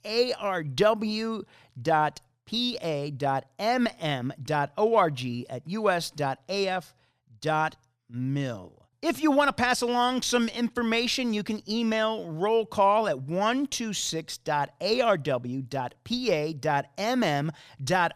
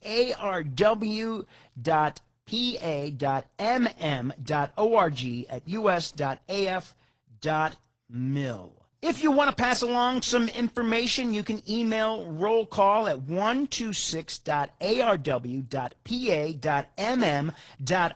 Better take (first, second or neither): first